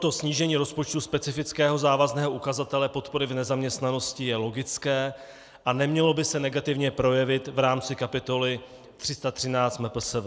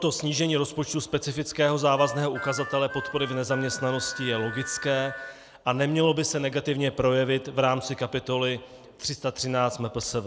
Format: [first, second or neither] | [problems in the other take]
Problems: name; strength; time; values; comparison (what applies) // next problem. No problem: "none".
first | background sound (Harmonica); 11 dB below the speech